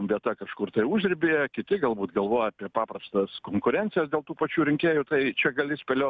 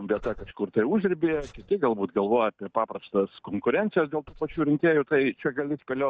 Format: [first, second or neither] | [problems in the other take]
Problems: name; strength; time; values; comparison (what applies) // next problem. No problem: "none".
first | noise reduction (neural mask model DeepFilterNet 3)